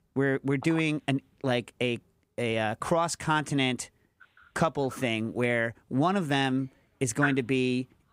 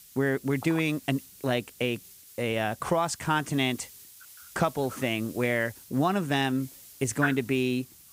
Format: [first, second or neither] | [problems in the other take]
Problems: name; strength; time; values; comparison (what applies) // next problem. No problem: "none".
first | hiss; noticeable; throughout; 20 dB below the speech